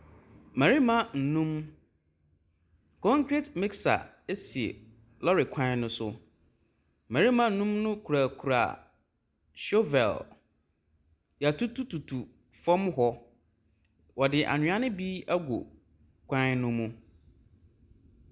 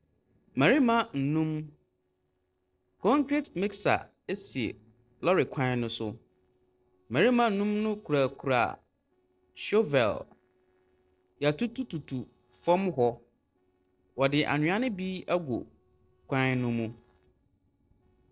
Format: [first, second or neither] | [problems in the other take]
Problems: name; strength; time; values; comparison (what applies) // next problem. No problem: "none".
first | noise reduction (neural separator model SepFormer DNS4)